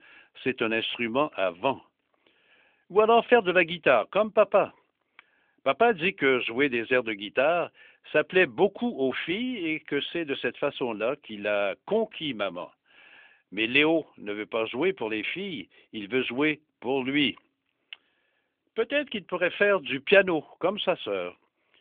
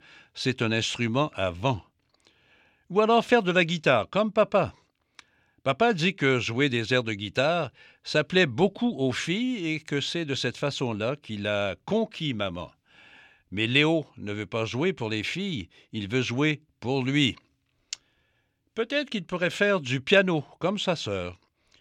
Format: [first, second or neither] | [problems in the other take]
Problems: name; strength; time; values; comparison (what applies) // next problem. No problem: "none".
second | phone-call audio; nothing above 3.5 kHz